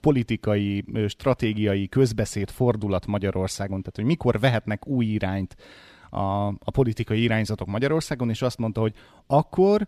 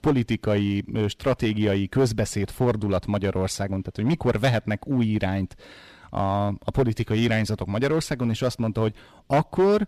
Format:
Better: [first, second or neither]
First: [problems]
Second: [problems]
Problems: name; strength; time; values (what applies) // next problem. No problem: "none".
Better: first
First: none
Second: distortion; slight; 5% of the sound clipped